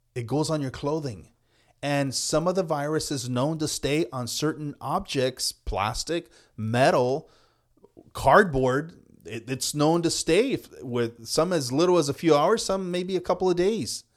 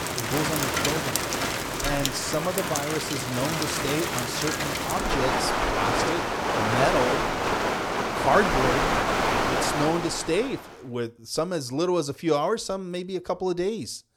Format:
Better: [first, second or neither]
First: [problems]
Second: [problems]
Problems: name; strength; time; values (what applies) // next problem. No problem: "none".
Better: first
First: none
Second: rain or running water; very loud; until 10 s; 3 dB above the speech